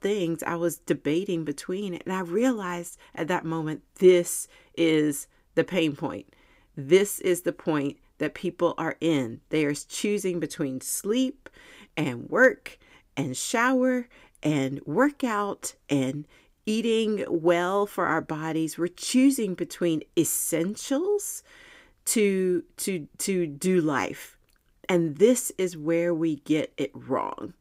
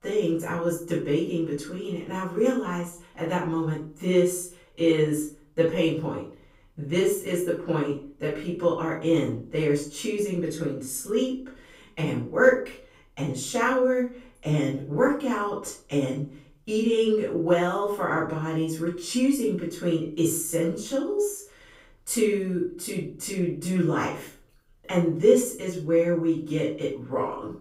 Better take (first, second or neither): first